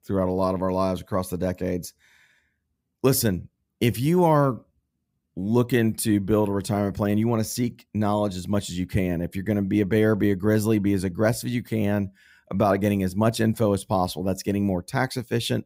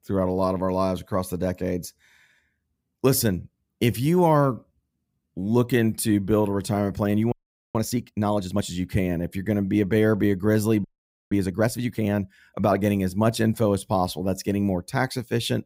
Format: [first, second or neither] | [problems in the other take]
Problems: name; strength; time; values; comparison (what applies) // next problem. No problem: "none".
first | audio freezing; at 7.5 s and at 11 s